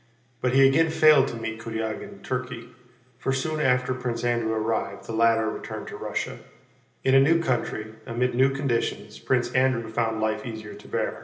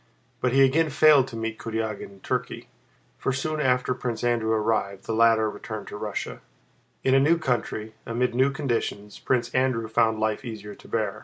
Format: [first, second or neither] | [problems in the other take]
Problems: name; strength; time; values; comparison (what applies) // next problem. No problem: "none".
second | room echo; dies away in 0.8 s